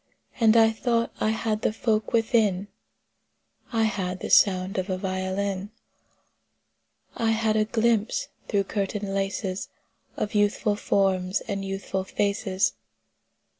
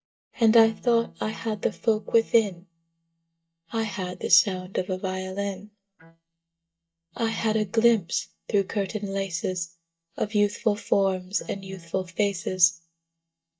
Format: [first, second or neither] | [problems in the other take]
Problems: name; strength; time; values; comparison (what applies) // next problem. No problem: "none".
first | noise reduction (neural mask model DeepFilterNet 3)